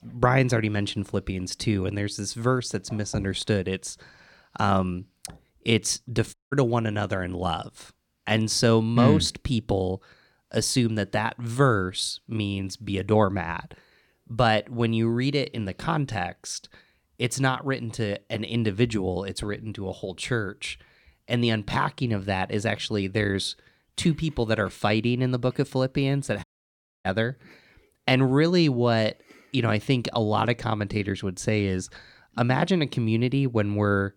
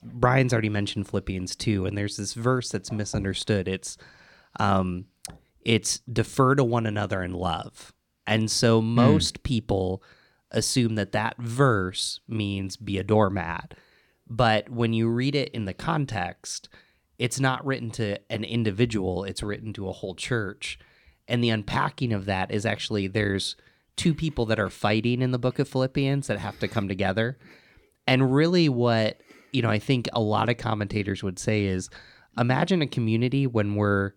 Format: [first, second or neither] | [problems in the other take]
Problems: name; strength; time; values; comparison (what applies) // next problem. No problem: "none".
second | audio cutting out; at 6.5 s and at 26 s for 0.5 s